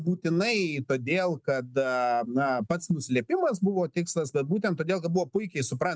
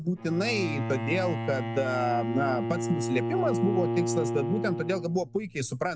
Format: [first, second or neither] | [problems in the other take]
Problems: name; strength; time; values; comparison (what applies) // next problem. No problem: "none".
first | background sound (Bowed string instrument); 2 dB below the speech